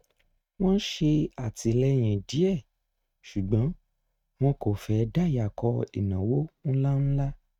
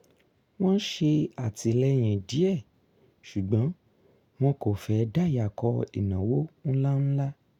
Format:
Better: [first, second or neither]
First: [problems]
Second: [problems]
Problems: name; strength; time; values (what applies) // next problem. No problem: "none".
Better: second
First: noise reduction (neural mask model RNNoise)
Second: none